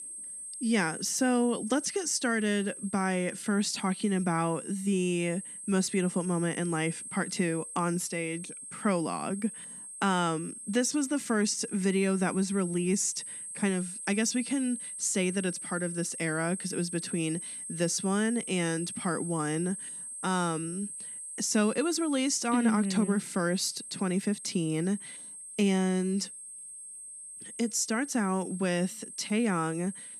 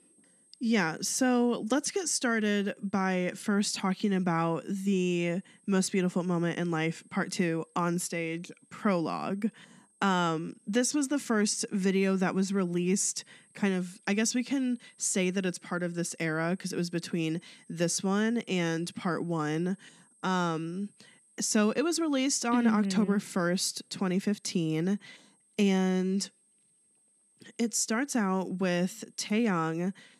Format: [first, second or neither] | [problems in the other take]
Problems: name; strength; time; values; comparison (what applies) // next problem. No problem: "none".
second | high-pitched whine; loud; throughout; 8.5 kHz, 9 dB below the speech; faint in the second